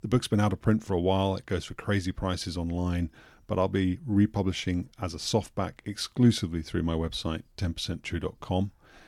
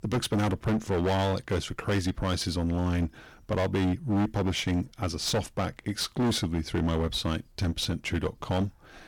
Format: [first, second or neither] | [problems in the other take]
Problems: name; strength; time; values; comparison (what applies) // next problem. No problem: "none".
first | distortion; heavy; 20% of the sound clipped